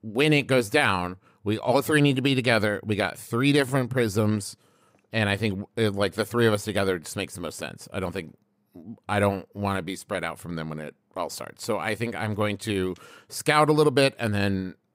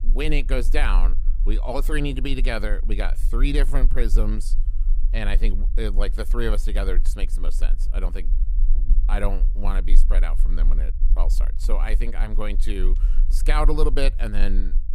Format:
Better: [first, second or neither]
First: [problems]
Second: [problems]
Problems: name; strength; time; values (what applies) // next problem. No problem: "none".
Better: first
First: none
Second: low rumble; noticeable; throughout; 20 dB below the speech